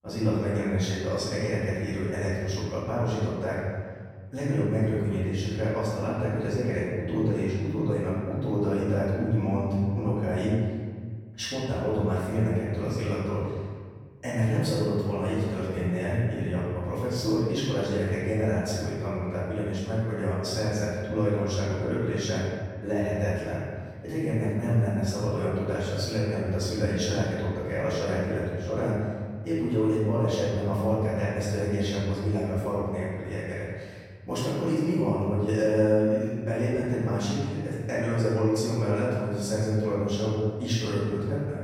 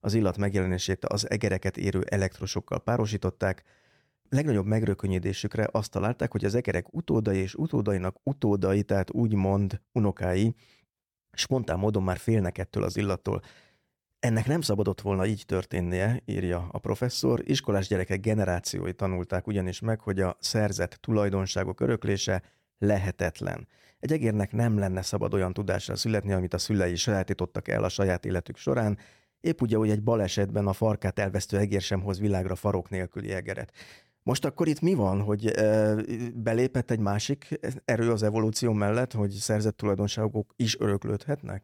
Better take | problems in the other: second | room echo; strong; dies away in 1.6 s // off-mic speech; far

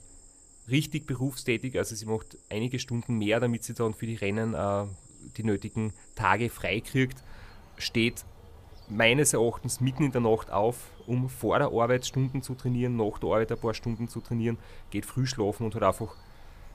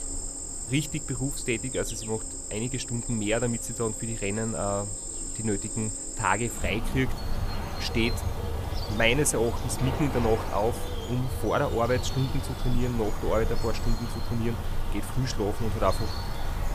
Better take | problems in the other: first | animal sounds; loud; throughout; 4 dB below the speech; faint in the first

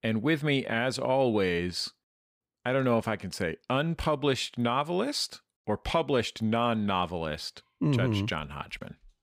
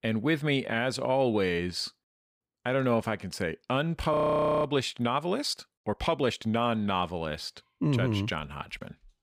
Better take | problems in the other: first | audio freezing; at 4 s for 0.5 s

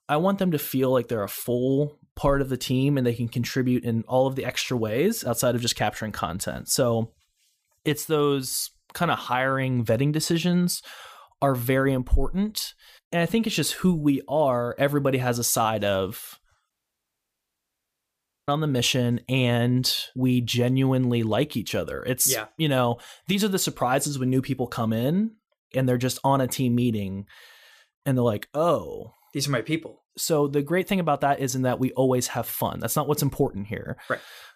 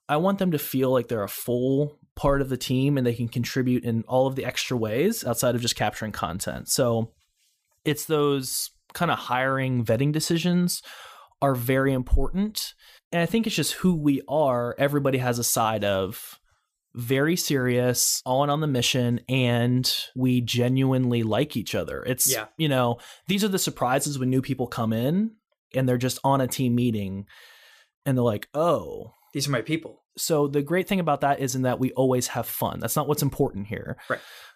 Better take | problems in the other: second | audio cutting out; at 17 s for 2 s

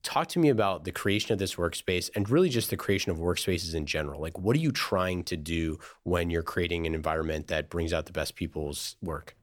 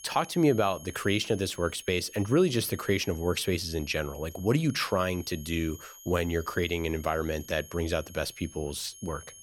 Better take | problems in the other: first | high-pitched whine; noticeable; throughout; 6.5 kHz, 20 dB below the speech

